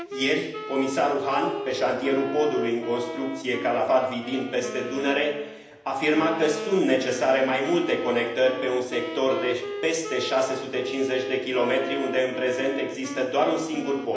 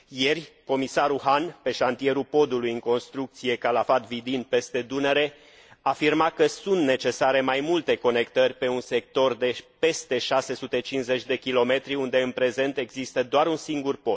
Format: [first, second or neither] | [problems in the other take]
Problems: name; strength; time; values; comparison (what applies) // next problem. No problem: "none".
second | background sound (Wind instrument, woodwind instrument); 10 dB below the speech // room echo; dies away in 0.9 s